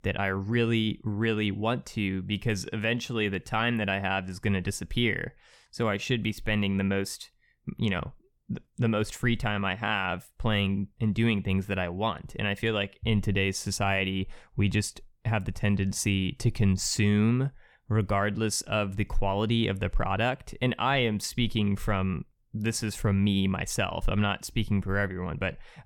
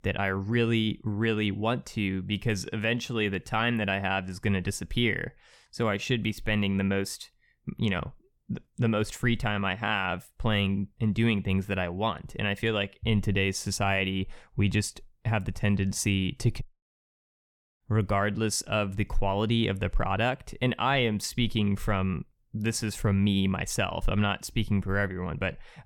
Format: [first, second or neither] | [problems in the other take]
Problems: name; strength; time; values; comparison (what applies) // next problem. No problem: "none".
first | audio cutting out; at 17 s for 1 s